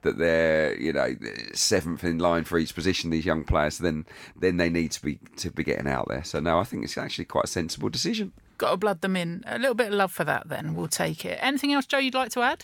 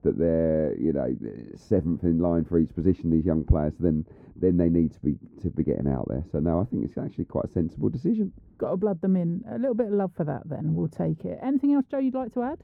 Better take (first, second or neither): first